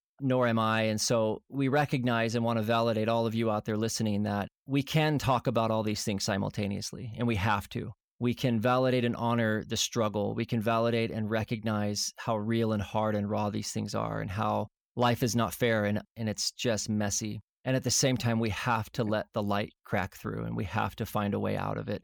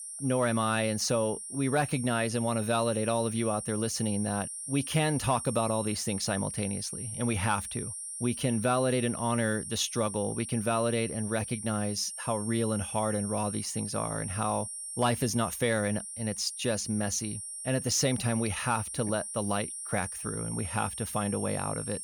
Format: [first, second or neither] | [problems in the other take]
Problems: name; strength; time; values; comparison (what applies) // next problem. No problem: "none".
first | high-pitched whine; loud; throughout; 9 kHz, 6 dB below the speech